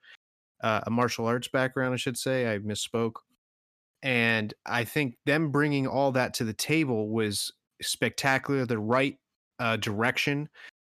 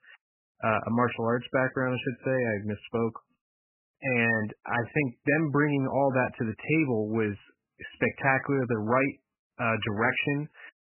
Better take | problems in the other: first | garbled, watery; badly; nothing above 3 kHz

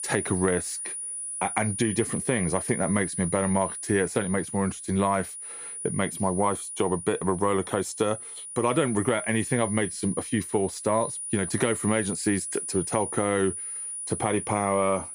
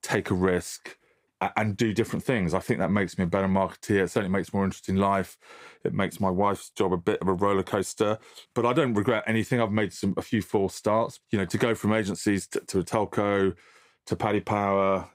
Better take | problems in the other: second | high-pitched whine; loud; throughout; 9.5 kHz, 6 dB below the speech

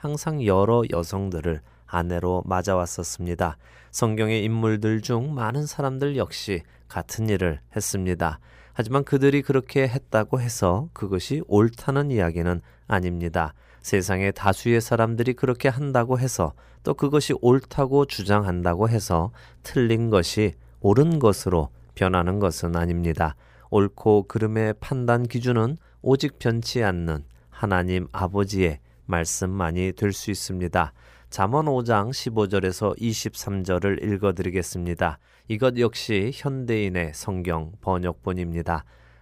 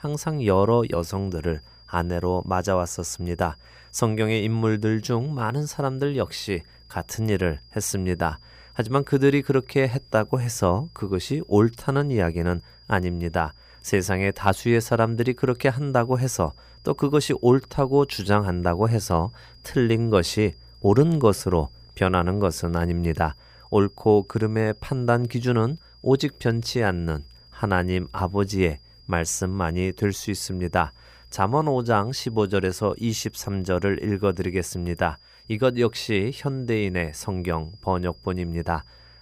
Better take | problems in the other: first | high-pitched whine; faint; throughout; 5 kHz, 25 dB below the speech

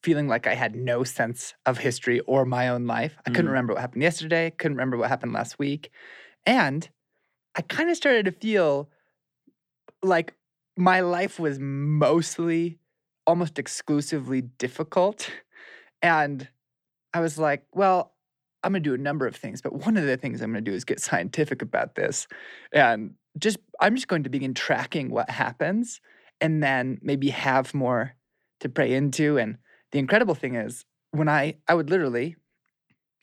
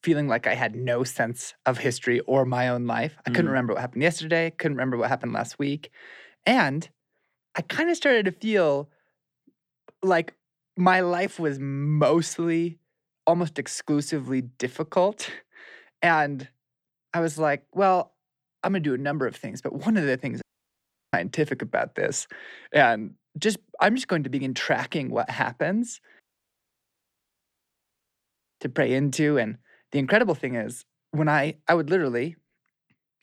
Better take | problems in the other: first | audio cutting out; at 20 s for 0.5 s and at 26 s for 2.5 s

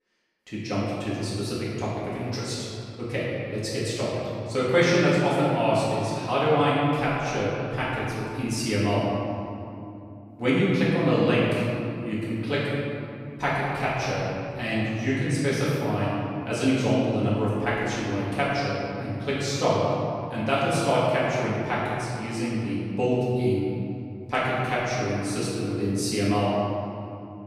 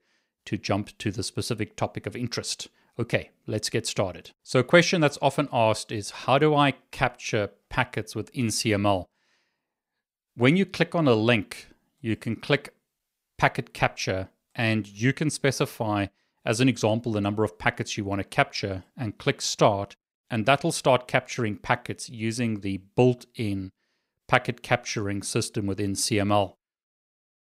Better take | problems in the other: second | off-mic speech; far // room echo; strong; dies away in 2.6 s

